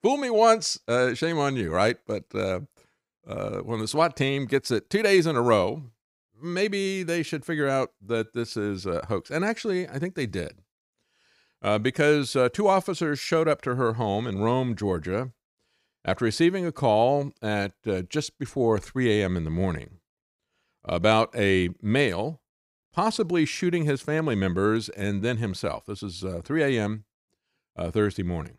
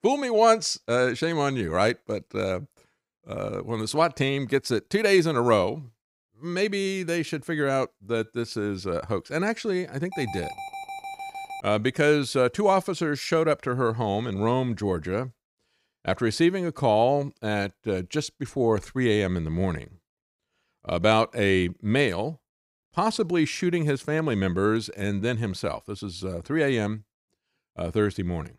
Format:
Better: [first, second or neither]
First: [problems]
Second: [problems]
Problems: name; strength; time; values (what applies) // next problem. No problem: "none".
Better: first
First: none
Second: alarm; faint; from 10 to 12 s; peak 10 dB below the speech